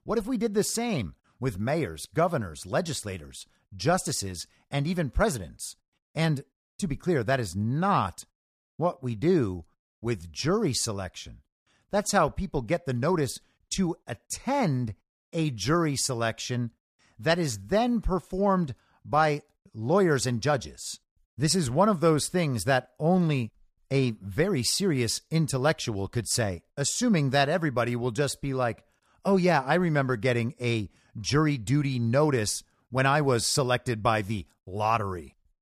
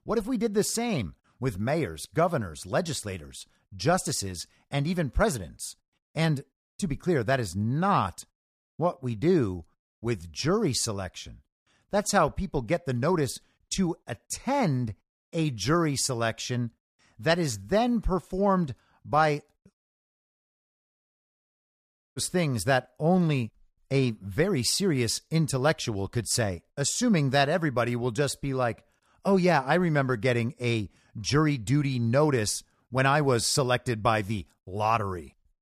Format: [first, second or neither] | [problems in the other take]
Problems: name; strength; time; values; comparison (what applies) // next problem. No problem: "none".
first | audio cutting out; at 20 s for 2.5 s